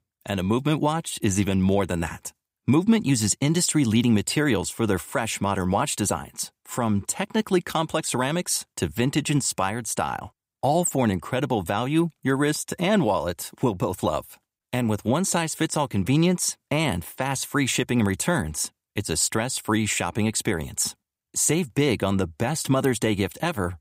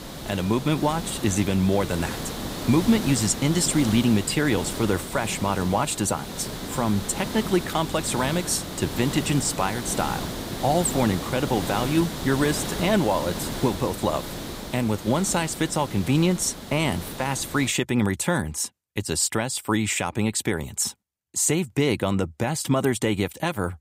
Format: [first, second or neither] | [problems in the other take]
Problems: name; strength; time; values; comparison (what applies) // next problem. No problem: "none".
first | hiss; loud; until 18 s; 8 dB below the speech